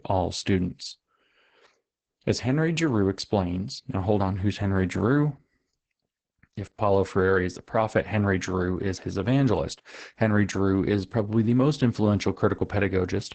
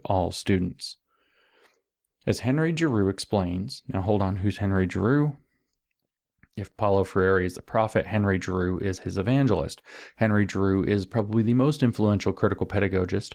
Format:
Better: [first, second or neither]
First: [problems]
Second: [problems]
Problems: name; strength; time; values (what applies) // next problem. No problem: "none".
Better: second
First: garbled, watery; badly; nothing above 8 kHz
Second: garbled, watery; slightly